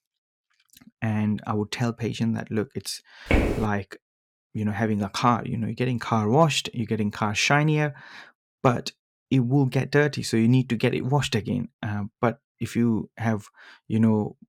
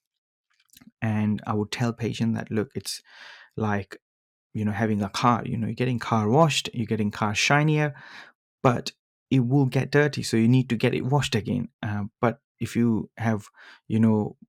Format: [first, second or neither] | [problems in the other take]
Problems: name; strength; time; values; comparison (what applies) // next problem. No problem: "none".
second | footsteps; loud; at 3.5 s; peak 1 dB above the speech